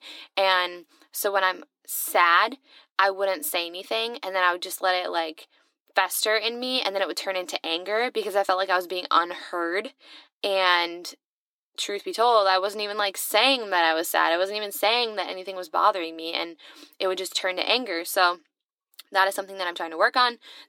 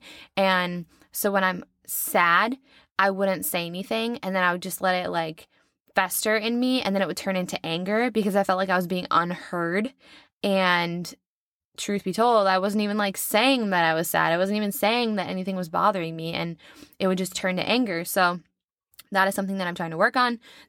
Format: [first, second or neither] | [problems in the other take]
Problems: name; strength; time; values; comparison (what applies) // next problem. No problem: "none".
second | thin; very; fading below 300 Hz